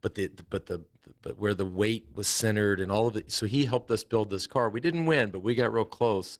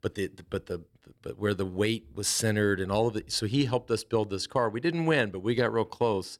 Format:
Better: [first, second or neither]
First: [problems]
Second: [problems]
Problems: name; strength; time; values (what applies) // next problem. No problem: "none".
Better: second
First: garbled, watery; slightly; nothing above 19 kHz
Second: none